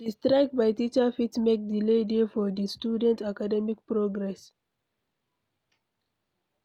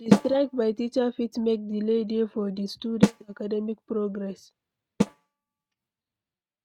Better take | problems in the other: first | noise reduction (neural mask model RNNoise)

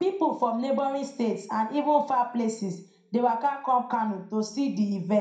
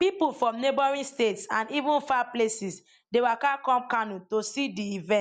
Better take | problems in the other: second | room echo; dies away in 0.5 s

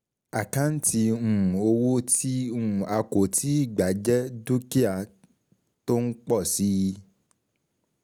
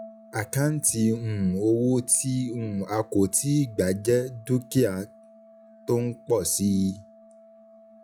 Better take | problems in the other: first | noise reduction (classical method log-MMSE)

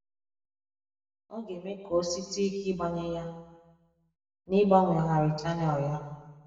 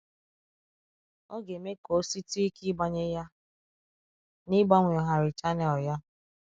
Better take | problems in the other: second | room echo; dies away in 1.2 s

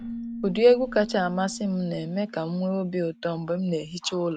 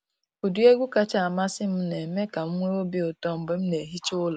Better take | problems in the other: second | background sound (Keyboard (musical)); 14 dB below the speech

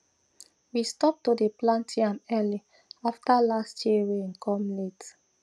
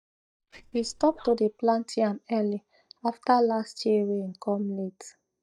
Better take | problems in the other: first | noise reduction (neural mask model DeepFilterNet 3)

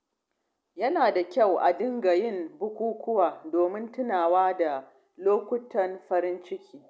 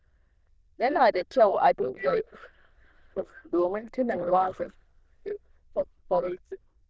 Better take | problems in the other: first | noise reduction (neural diffusion model UNIVERSE++)

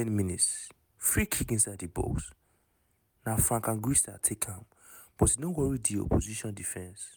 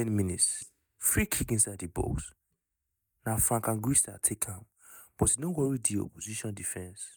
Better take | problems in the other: first | noise reduction (neural mask model DeepFilterNet 3)

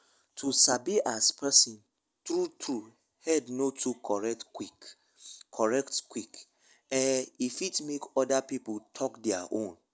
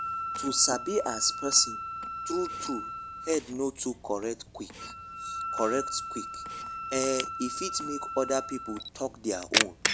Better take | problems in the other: first | background sound (Camera + Wind instrument, woodwind instrument); 4 dB below the speech

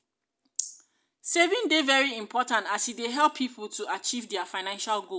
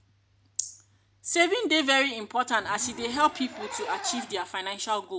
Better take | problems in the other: first | background sound (Zipper (clothing)); 16 dB below the speech

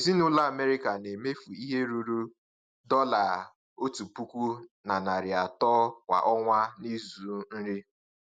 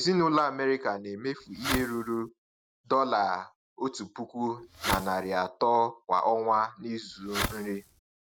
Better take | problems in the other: first | background sound (Fireworks); 6 dB below the speech

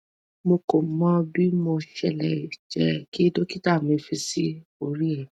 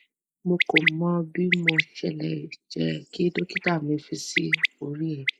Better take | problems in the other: first | noise reduction (neural mask model Resemble Enhance denoiser)

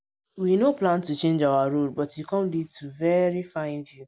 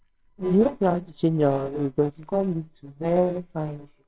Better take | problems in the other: first | noise reduction (neural separator model SepFormer WHAMR!)

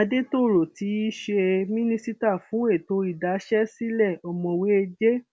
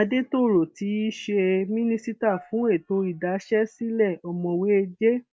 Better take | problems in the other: first | noise reduction (neural mask model DeepFilterNet 3)

